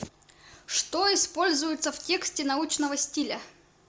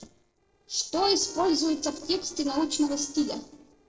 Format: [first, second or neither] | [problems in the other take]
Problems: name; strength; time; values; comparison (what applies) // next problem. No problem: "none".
first | noise reduction (neural separator model SepFormer DNS4)